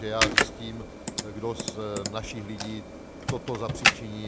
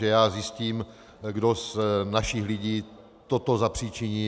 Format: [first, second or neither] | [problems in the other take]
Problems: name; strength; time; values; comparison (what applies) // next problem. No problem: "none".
second | background sound (Computer keyboard); 5 dB above the speech